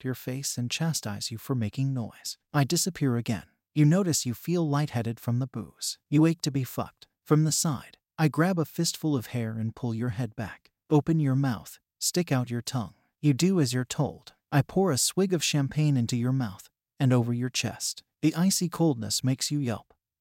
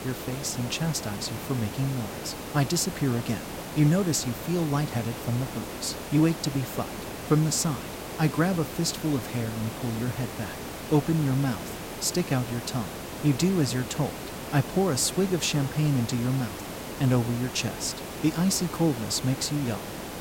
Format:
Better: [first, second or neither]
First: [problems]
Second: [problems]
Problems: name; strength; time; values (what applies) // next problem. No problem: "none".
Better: first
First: none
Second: hiss; loud; throughout; 9 dB below the speech